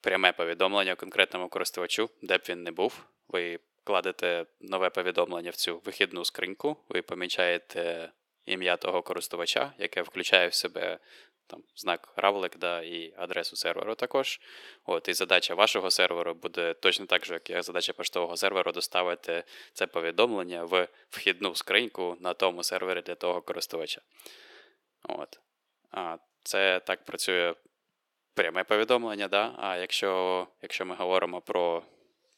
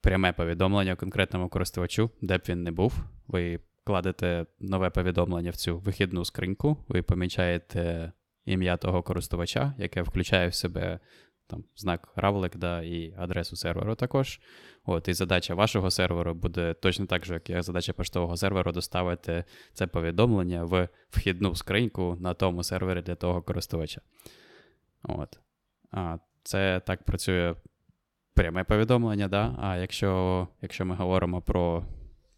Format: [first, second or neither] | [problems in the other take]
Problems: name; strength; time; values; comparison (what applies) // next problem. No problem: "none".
second | thin; very; fading below 400 Hz